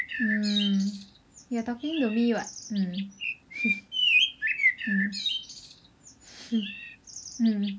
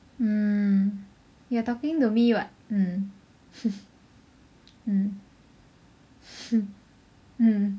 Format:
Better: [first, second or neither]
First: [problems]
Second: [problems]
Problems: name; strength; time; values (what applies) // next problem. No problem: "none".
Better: second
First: background sound (Bird); 1 dB below the speech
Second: none